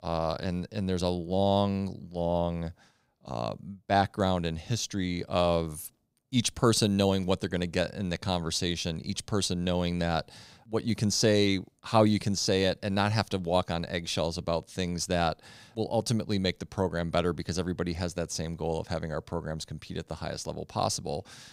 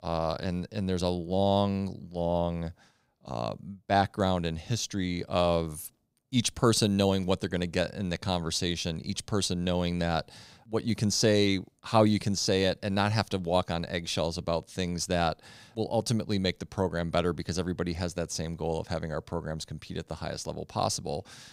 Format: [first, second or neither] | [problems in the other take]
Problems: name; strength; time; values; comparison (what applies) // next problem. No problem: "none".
neither | none